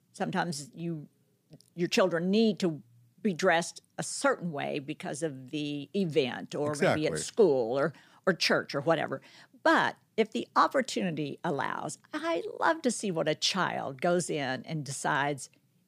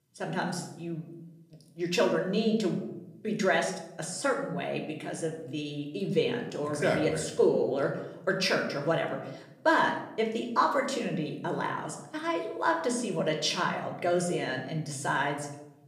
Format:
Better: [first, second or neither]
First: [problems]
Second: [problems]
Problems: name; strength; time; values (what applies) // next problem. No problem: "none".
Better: first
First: none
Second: room echo; slight; dies away in 0.7 s // off-mic speech; somewhat distant